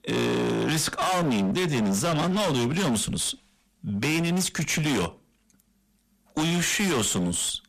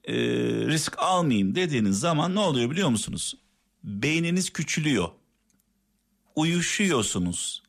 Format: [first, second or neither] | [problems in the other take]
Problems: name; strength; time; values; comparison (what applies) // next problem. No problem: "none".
second | distortion; heavy; 31% of the sound clipped